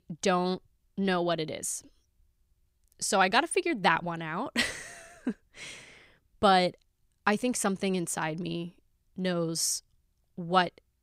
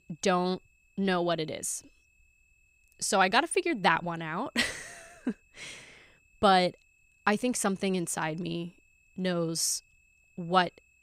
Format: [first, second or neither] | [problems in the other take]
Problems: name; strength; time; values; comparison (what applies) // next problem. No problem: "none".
first | high-pitched whine; faint; throughout; 2.5 kHz, 35 dB below the speech